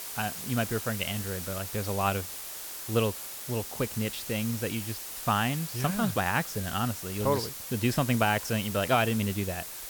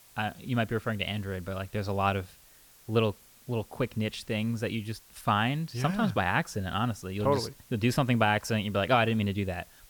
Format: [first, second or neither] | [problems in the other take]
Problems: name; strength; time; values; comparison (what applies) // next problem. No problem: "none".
second | hiss; loud; throughout; 6 dB below the speech; faint in the second